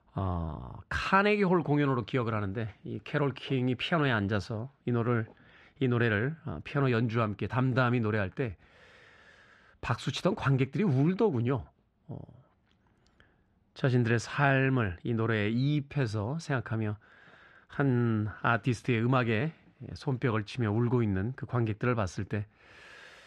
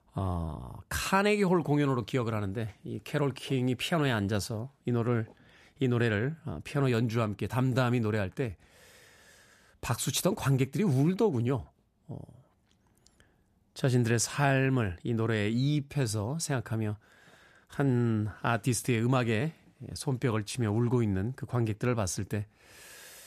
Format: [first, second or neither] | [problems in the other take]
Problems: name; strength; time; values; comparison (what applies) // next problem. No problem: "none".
second | muffled; slightly; fading above 3 kHz